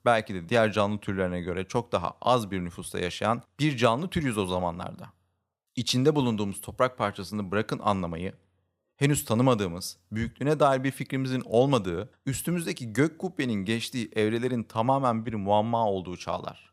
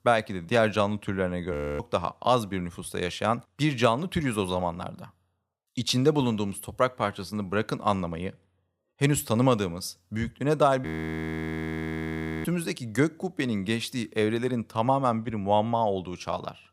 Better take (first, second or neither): first